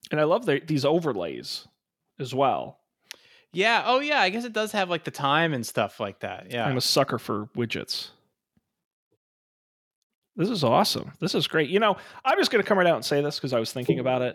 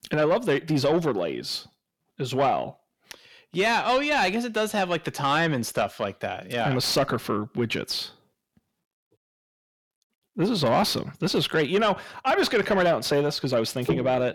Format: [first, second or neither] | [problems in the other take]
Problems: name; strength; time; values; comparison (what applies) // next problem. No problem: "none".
first | distortion; slight; 10 dB below the speech